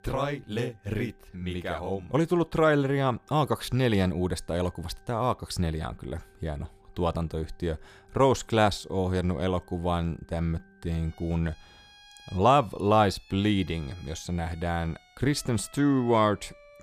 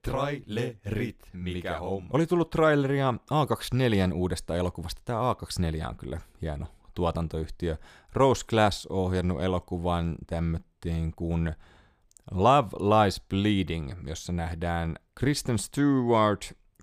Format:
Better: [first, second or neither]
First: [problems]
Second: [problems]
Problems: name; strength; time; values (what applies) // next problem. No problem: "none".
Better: second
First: background music; faint; throughout; 30 dB below the speech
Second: none